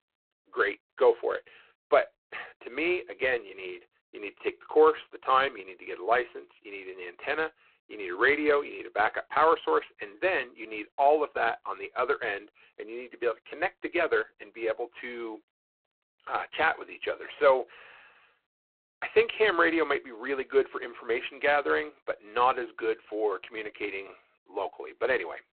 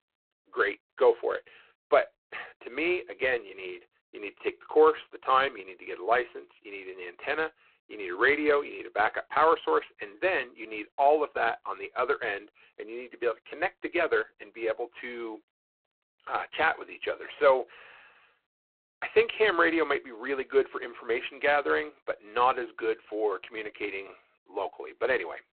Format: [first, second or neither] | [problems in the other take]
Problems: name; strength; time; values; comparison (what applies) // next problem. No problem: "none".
neither | phone-call audio; poor line; nothing above 3.5 kHz; the same in both